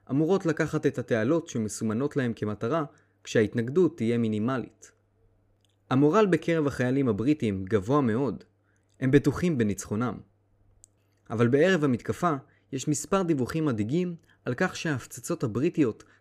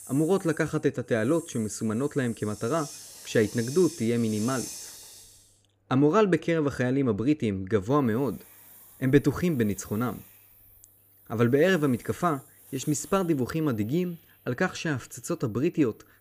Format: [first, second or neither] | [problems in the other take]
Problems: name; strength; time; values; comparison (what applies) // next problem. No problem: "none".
first | hiss; noticeable; throughout; 15 dB below the speech